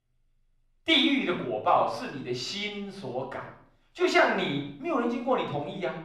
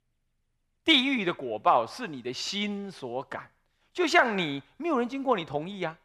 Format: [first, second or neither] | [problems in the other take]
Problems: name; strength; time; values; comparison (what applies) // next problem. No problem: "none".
second | off-mic speech; somewhat distant // room echo; slight; dies away in 0.6 s